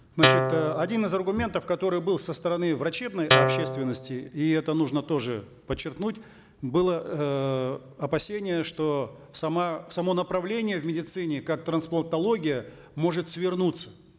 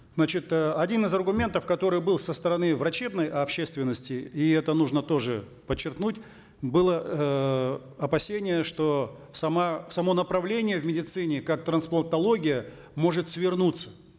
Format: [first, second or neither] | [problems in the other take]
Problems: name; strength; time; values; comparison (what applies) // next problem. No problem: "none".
second | background sound (Guitar); 3 dB above the speech